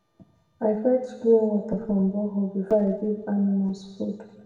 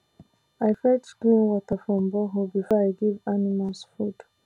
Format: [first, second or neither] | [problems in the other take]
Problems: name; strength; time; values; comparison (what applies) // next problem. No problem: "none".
second | room echo; dies away in 1.2 s